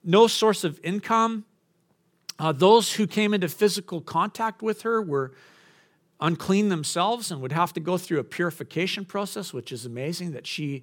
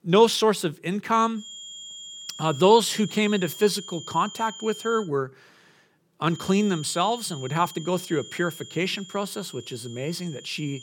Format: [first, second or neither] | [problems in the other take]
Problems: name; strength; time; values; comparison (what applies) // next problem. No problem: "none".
first | high-pitched whine; noticeable; from 1.5 to 5 s and from 6.5 s on; 3.5 kHz, 15 dB below the speech